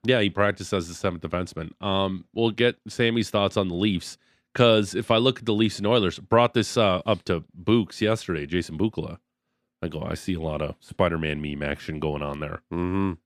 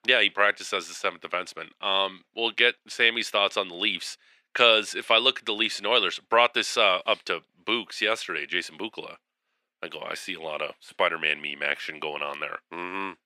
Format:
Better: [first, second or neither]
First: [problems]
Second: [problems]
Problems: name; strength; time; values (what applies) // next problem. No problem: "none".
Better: first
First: none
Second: thin; very; fading below 550 Hz